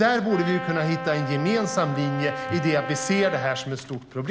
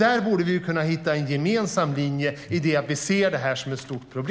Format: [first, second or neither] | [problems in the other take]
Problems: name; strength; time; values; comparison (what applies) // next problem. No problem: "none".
second | background sound (Brass instrument); 8 dB below the speech